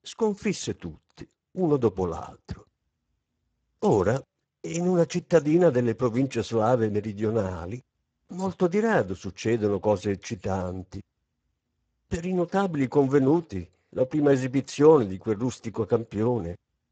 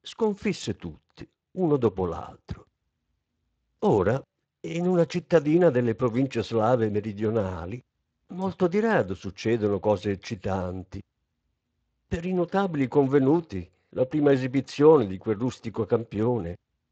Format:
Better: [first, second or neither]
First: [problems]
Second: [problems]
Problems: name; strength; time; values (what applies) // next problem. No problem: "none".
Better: second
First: garbled, watery; badly; nothing above 7.5 kHz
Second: garbled, watery; slightly; nothing above 7.5 kHz